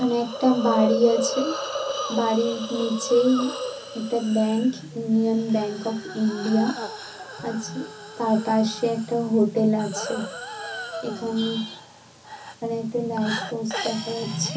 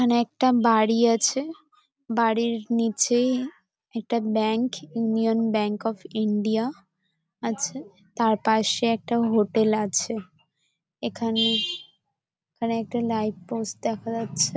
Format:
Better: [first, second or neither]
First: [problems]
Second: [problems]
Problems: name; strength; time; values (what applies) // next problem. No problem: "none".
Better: second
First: background sound (Hiss); 8 dB below the speech // room echo; dies away in 0.3 s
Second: none